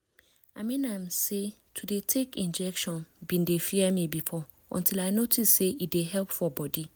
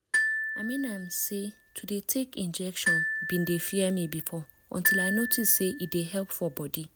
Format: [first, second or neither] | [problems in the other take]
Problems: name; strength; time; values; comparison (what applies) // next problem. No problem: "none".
first | background sound (Glockenspiel); 2 dB below the speech